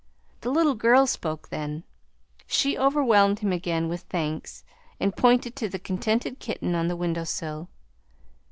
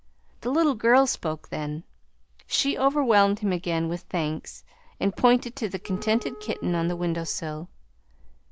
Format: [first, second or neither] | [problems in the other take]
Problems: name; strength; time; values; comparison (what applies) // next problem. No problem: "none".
first | background sound (Wind instrument, woodwind instrument); 19 dB below the speech